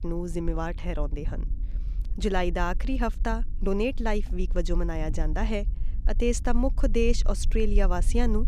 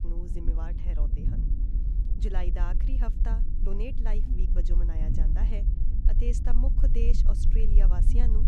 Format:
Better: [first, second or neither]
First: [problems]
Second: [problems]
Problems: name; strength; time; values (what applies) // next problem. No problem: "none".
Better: first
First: low rumble; faint; throughout; 20 dB below the speech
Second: low rumble; loud; throughout; 5 dB below the speech